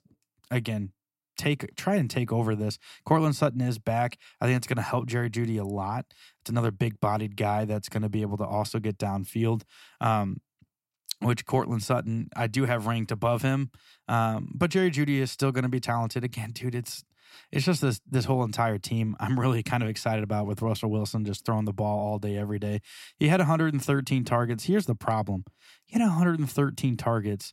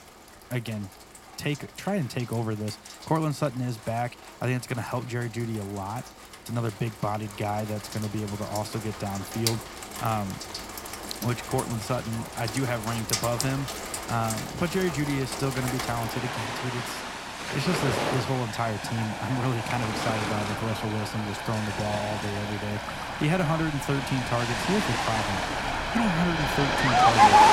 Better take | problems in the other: first | rain or running water; very loud; throughout; 1 dB above the speech

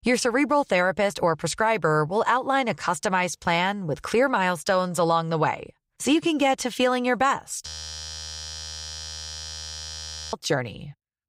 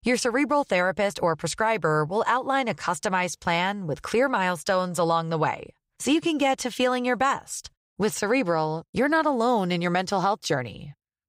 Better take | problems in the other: second | audio freezing; at 7.5 s for 2.5 s

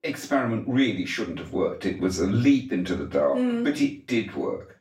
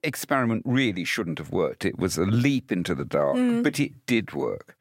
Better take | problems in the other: second | room echo; slight; dies away in 0.3 s // off-mic speech; far

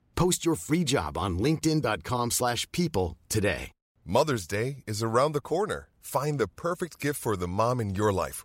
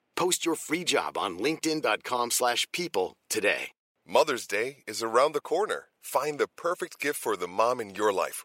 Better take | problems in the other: first | thin; somewhat; fading below 450 Hz

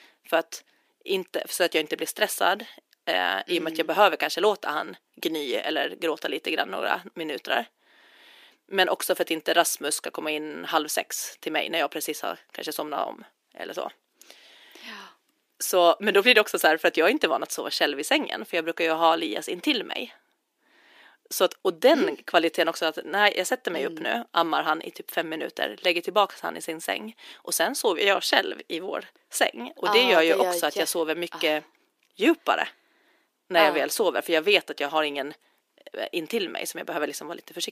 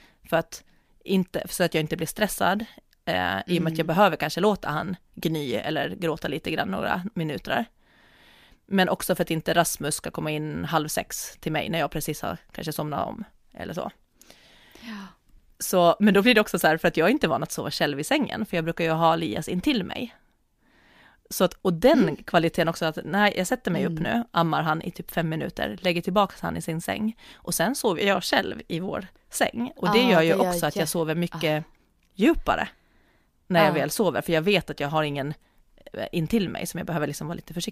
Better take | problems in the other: second | thin; somewhat; fading below 350 Hz

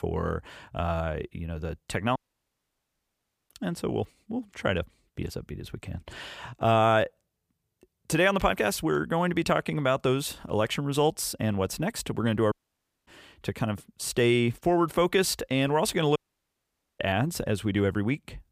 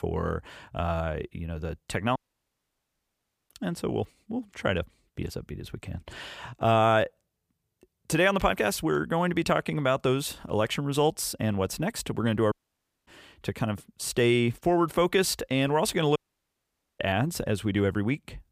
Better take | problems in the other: neither | audio cutting out; at 2 s for 1.5 s, at 13 s for 0.5 s and at 16 s for 1 s; the same in both

